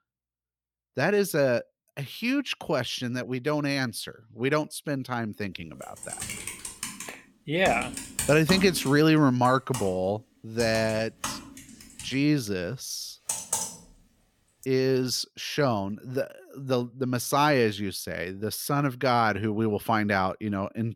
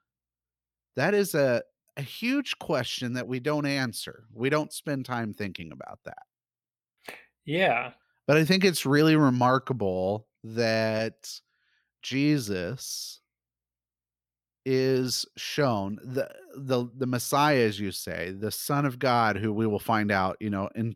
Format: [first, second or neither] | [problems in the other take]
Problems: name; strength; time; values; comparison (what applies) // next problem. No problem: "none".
second | keyboard typing; noticeable; from 6 to 14 s; peak 1 dB below the speech